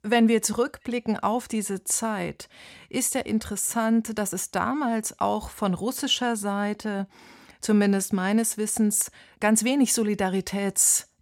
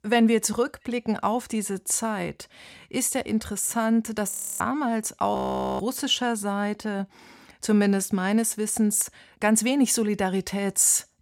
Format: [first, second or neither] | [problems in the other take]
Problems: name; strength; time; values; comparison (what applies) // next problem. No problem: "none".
first | audio freezing; at 4.5 s and at 5.5 s